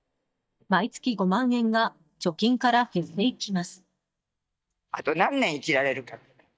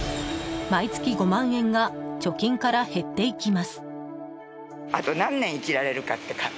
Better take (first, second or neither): second